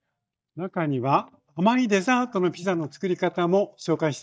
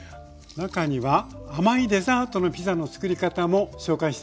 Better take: second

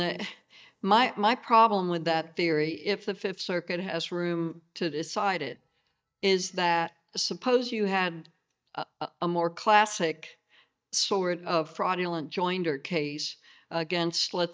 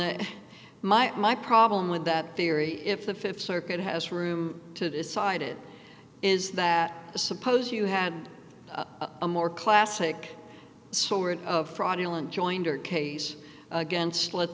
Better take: second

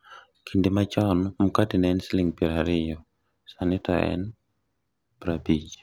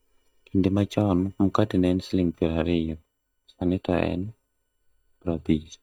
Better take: first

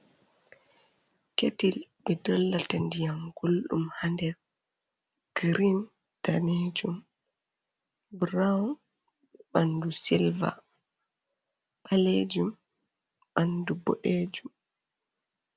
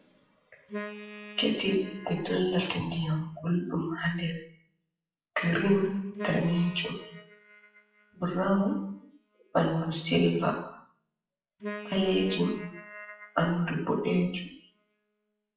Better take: first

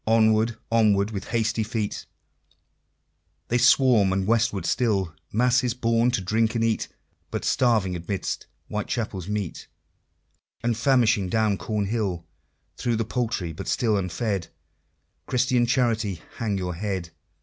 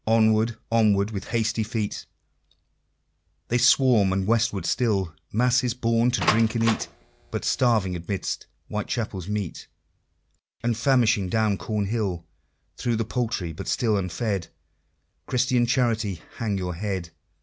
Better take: first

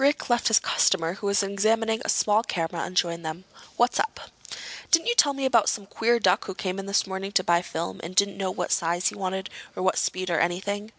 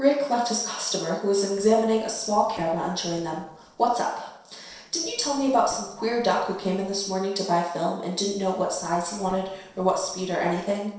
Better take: first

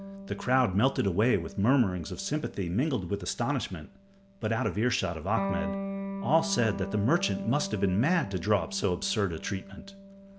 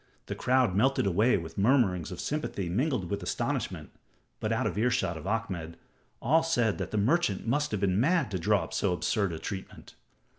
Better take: second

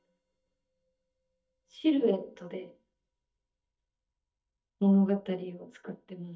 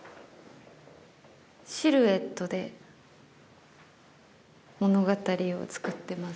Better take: second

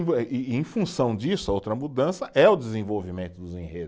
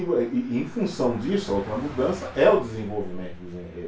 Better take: first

